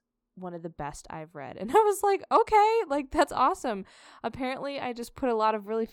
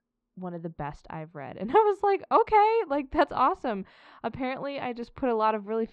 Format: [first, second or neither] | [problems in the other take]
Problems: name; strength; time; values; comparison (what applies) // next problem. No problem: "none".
first | muffled; slightly; fading above 3.5 kHz